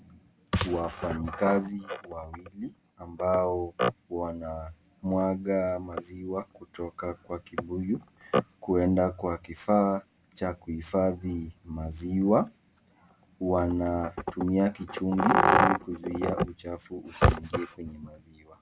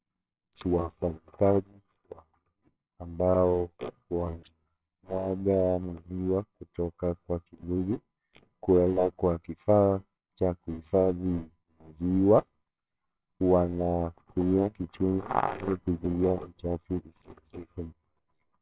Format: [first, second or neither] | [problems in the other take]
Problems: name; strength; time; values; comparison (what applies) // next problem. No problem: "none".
first | noise reduction (neural separator model SepFormer WHAMR!)